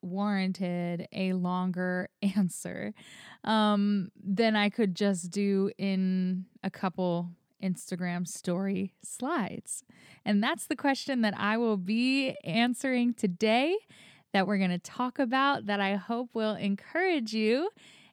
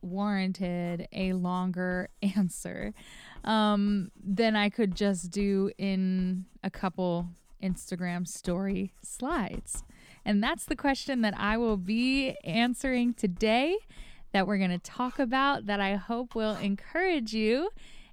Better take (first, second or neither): first